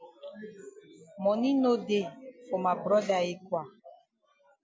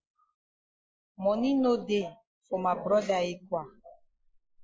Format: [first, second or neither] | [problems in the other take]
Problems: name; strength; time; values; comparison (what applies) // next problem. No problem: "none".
first | noise reduction (neural mask model Resemble Enhance denoiser)